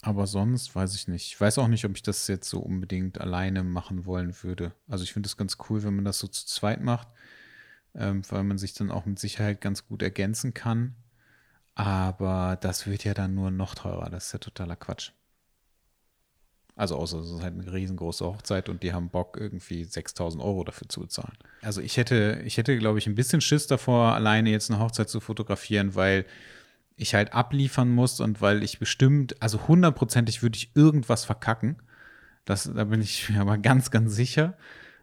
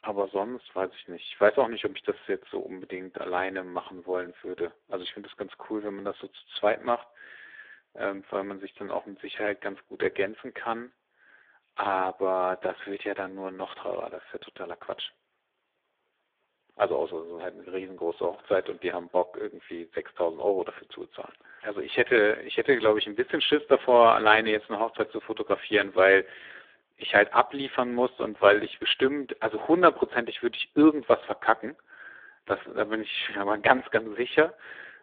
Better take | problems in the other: first | phone-call audio; poor line

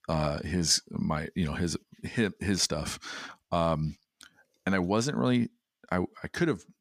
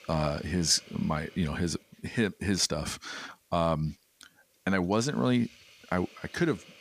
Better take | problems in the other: first | hiss; faint; throughout; 25 dB below the speech

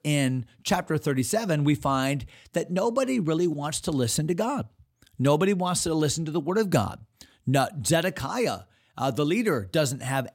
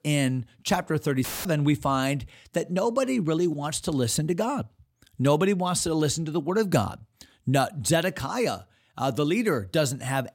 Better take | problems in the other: first | audio cutting out; filled with static; at 1 s

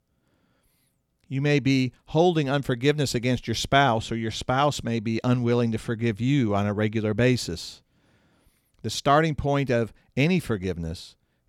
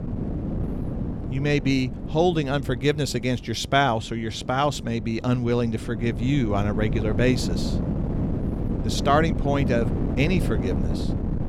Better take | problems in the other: first | wind noise on the microphone; heavy; 10 dB below the speech

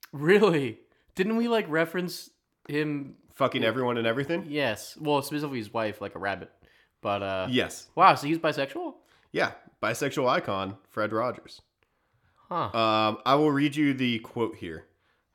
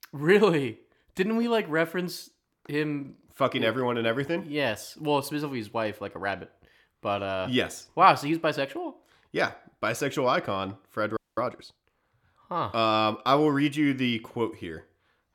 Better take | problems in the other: first | audio freezing; at 11 s

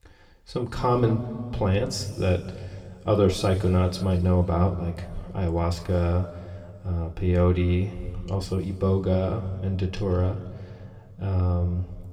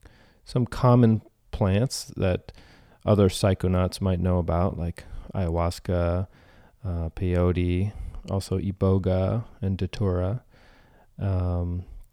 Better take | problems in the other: second | room echo; slight; dies away in 1.8 s

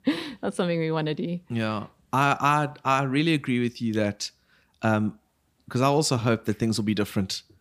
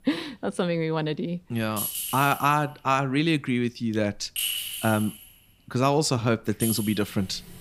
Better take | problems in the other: first | household noises; loud; throughout; 5 dB below the speech

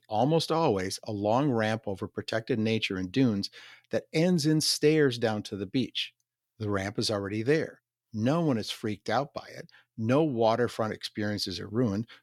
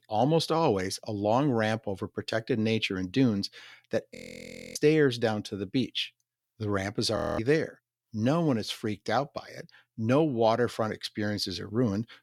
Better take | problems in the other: first | audio freezing; at 4 s for 0.5 s and at 7 s

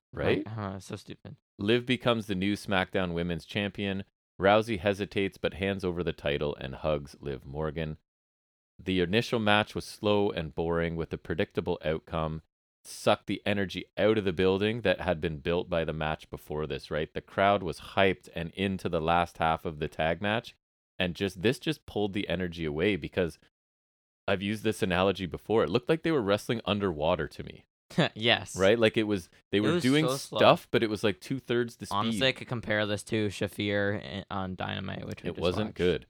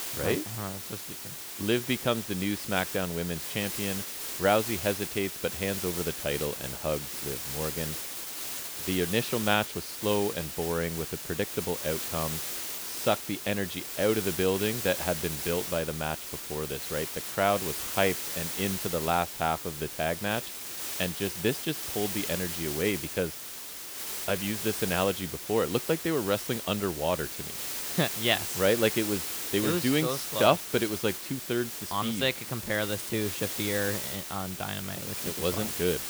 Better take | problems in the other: first | hiss; loud; throughout; 3 dB below the speech

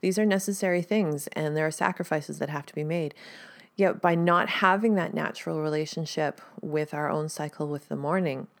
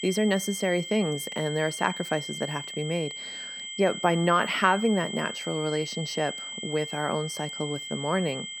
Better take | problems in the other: first | high-pitched whine; loud; throughout; 3 kHz, 7 dB below the speech

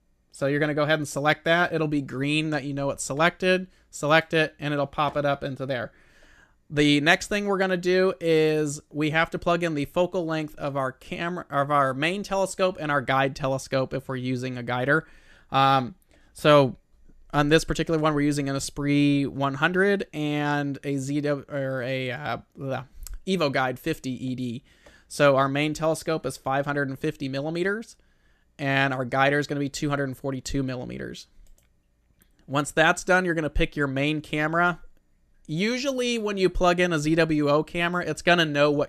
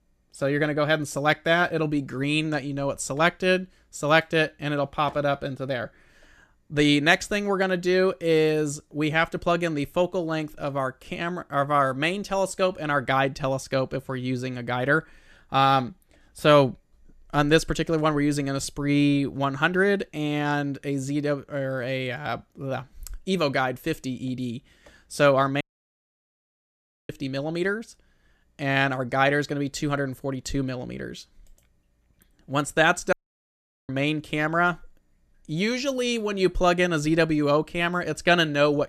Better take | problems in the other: first | audio cutting out; at 26 s for 1.5 s and at 33 s for 1 s

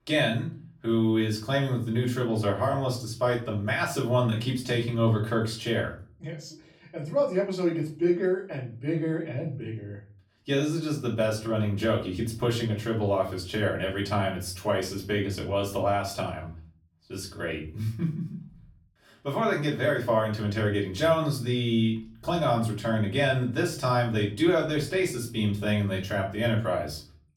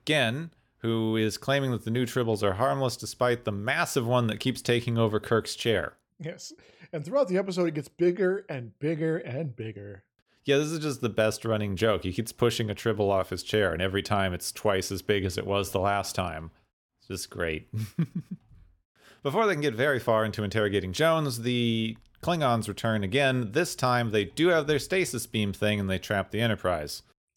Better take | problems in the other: second | off-mic speech; far // room echo; slight; dies away in 0.4 s

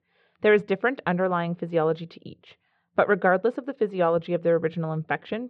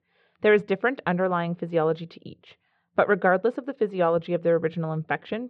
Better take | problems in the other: neither | muffled; very; fading above 3.5 kHz; the same in both

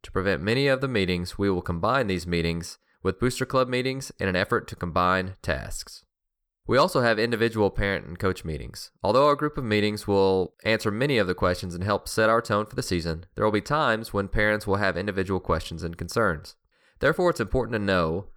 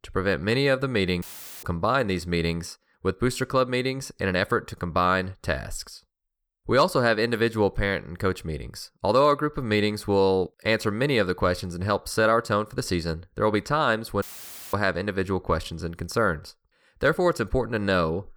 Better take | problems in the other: first | audio cutting out; filled with static; at 1 s and at 14 s for 0.5 s

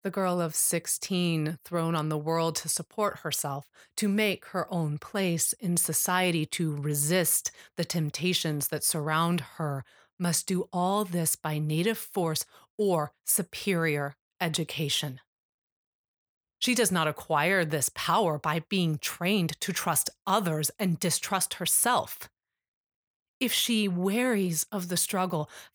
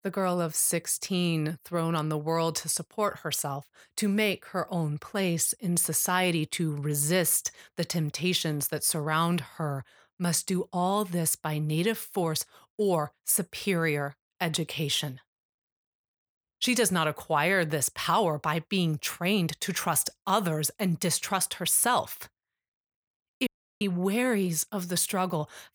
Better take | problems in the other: first | audio cutting out; at 23 s

